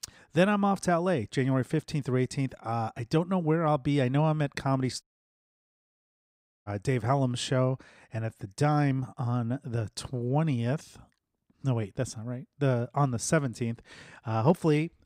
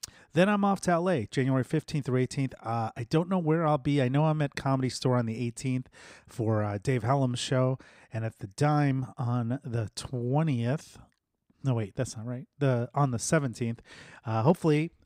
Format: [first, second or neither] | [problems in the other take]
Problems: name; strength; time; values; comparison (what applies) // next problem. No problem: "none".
second | audio cutting out; at 5 s for 1.5 s